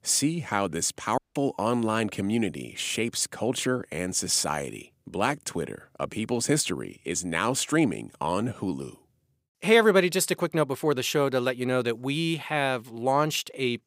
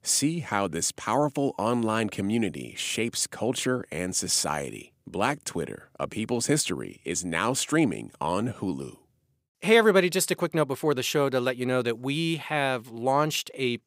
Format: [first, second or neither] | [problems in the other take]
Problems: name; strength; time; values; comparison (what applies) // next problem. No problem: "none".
second | audio cutting out; at 1 s